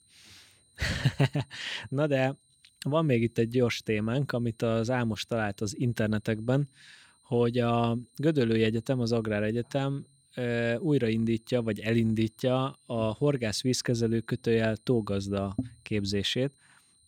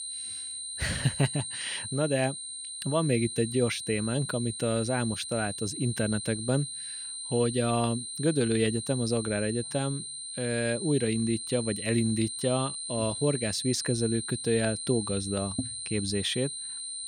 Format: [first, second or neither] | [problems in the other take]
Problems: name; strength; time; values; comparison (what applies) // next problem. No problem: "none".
first | high-pitched whine; loud; throughout; 9 kHz, 5 dB below the speech; faint in the first